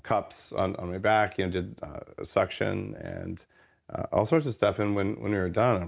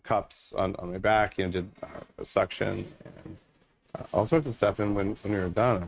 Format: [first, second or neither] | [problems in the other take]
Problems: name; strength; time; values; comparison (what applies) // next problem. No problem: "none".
first | noise reduction (neural mask model RNNoise)